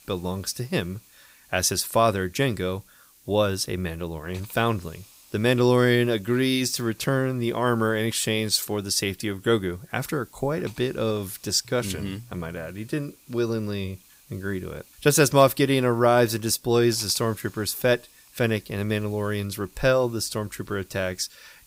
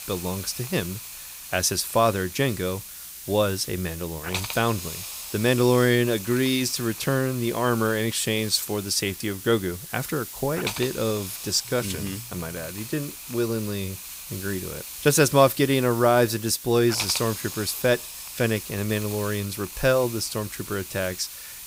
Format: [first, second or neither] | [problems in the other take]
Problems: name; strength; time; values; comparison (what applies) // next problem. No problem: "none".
first | hiss; loud; throughout; 10 dB below the speech; faint in the first